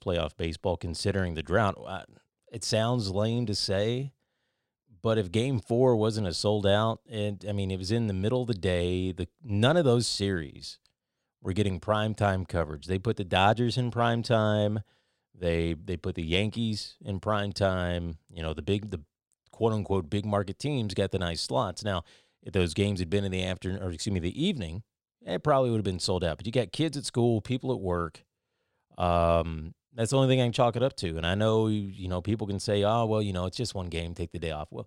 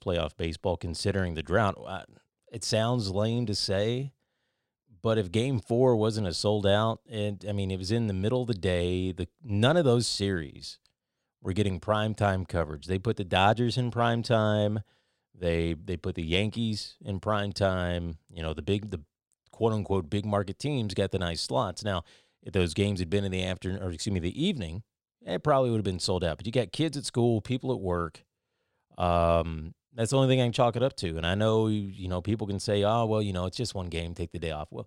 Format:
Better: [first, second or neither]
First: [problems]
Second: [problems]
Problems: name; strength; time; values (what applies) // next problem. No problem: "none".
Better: neither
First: none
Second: none